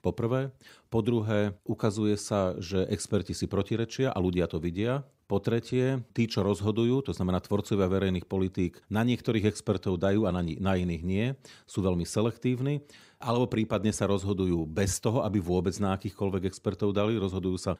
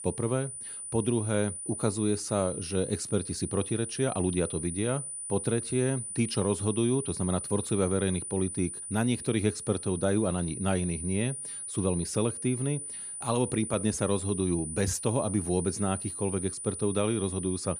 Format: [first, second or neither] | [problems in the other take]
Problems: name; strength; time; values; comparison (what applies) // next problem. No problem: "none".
first | high-pitched whine; loud; throughout; 9.5 kHz, 6 dB below the speech